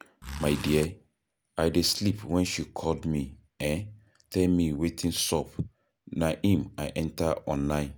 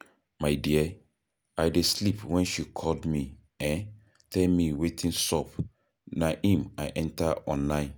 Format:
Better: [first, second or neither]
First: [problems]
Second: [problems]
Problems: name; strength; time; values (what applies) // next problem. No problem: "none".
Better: second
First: background sound (Zipper (clothing)); 9 dB below the speech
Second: none